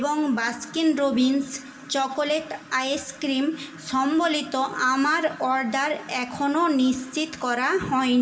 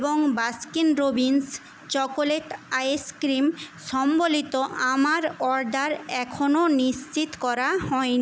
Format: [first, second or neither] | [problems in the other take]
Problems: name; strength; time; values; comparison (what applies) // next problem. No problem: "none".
second | room echo; dies away in 2.3 s